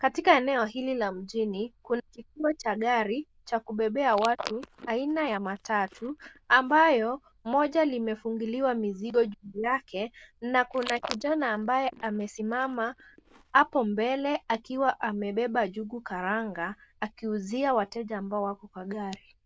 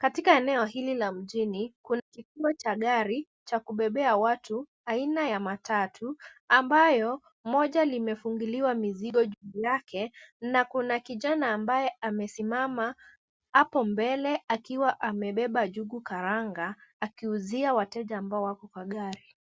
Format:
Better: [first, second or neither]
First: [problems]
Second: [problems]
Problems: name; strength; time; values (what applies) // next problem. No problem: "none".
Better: second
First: noise reduction (neural diffusion model UNIVERSE++)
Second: none